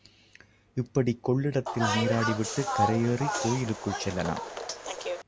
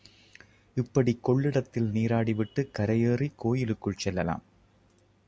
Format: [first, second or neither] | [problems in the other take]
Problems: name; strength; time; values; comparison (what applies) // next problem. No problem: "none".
second | background sound (Bus); 2 dB below the speech